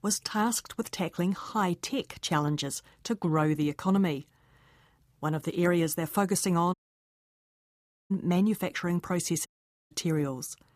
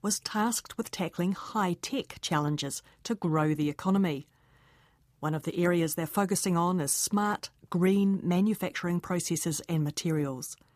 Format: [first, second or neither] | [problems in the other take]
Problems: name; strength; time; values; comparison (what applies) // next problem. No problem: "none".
second | audio cutting out; at 6.5 s for 1.5 s and at 9.5 s